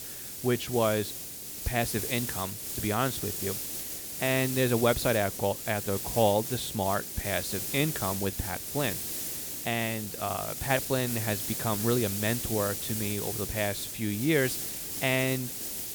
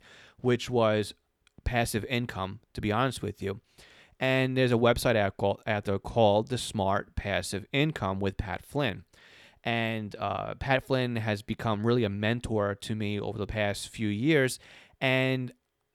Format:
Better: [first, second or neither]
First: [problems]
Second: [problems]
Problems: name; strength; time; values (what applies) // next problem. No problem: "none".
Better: second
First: hiss; loud; throughout; 3 dB below the speech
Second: none